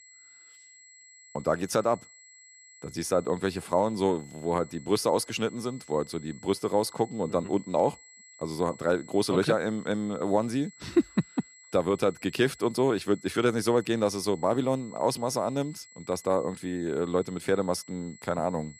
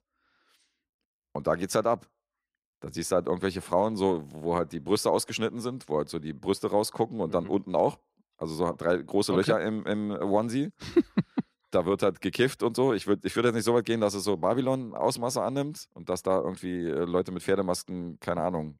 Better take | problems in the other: second | high-pitched whine; faint; throughout; 2 kHz, 20 dB below the speech

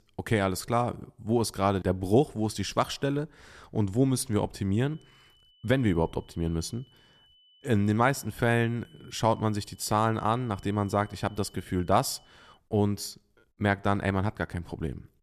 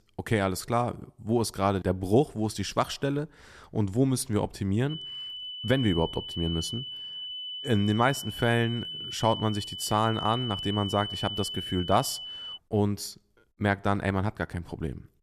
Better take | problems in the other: first | high-pitched whine; loud; from 5 to 13 s; 3 kHz, 7 dB below the speech; faint in the first

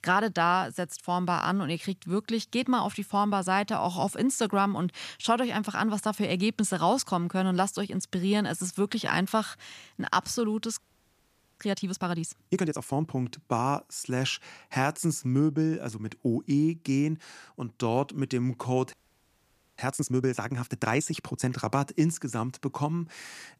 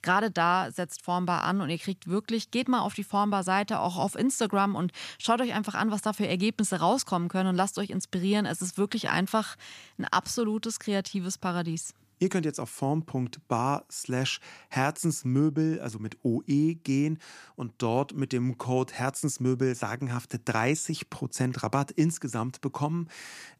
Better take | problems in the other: second | audio freezing; at 11 s for 1 s and at 19 s for 1 s

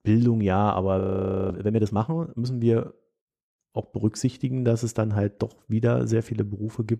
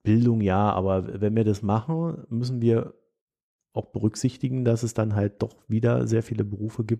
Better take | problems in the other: second | audio freezing; at 1 s for 0.5 s

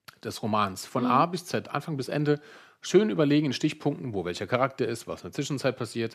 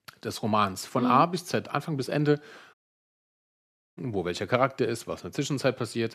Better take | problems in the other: first | audio cutting out; at 2.5 s for 1 s

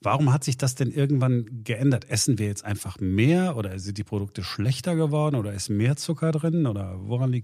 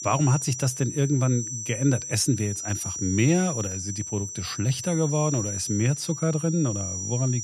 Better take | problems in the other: first | high-pitched whine; loud; throughout; 6 kHz, 6 dB below the speech

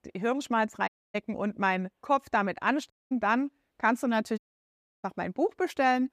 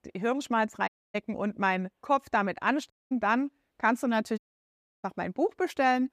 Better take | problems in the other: neither | audio cutting out; at 1 s, at 3 s and at 4.5 s for 0.5 s; the same in both

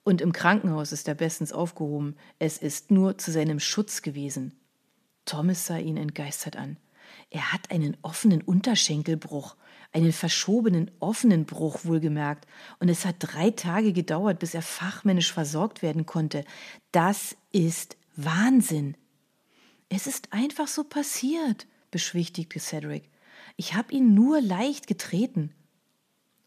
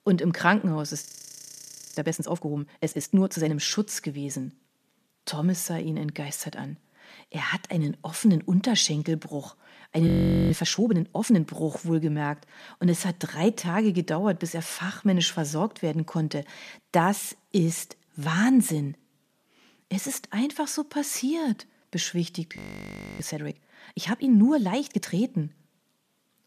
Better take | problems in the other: first | audio freezing; at 1 s for 1 s, at 10 s and at 23 s for 0.5 s

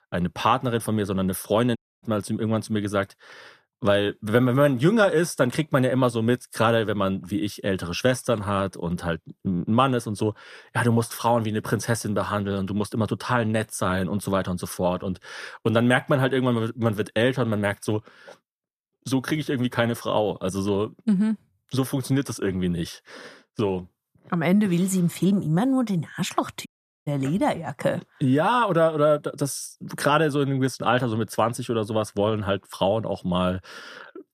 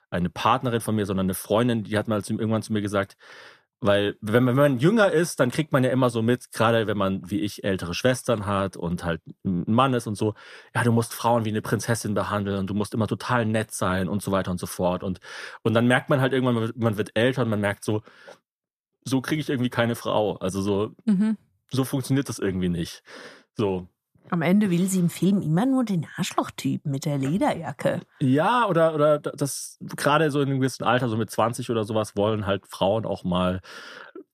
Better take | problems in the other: second | audio cutting out; at 2 s and at 27 s

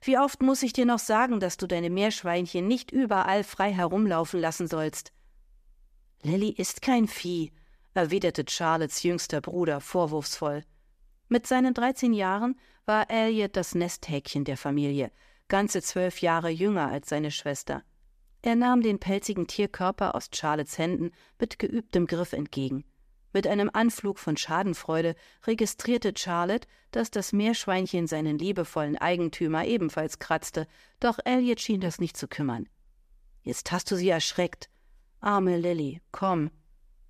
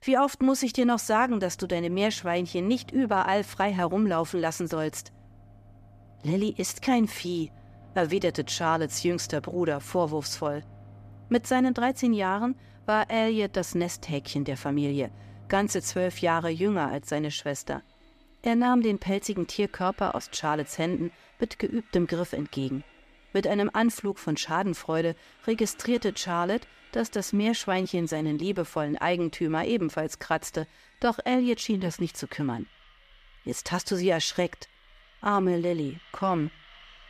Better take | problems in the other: first | machinery noise; faint; throughout; 25 dB below the speech

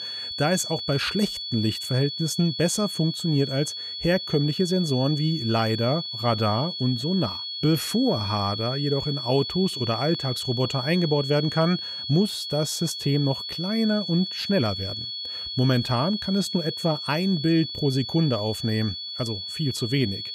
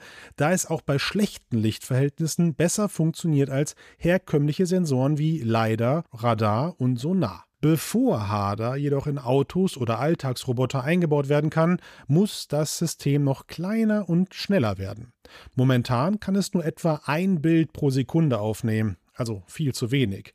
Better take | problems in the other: second | high-pitched whine; loud; throughout; 4.5 kHz, 5 dB below the speech

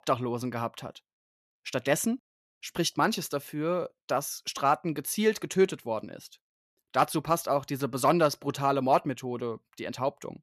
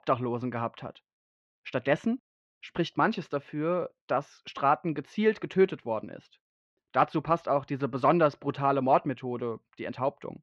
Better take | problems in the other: first | muffled; very; fading above 3 kHz

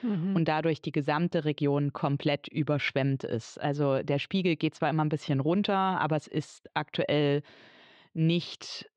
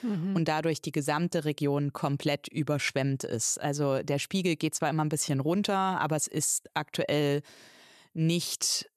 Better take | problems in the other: second | muffled; slightly; fading above 3.5 kHz

